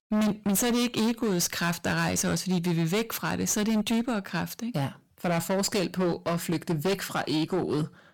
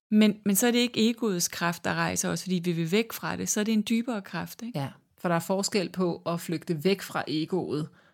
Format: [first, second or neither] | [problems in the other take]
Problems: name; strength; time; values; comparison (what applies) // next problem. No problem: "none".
second | distortion; heavy; 22% of the sound clipped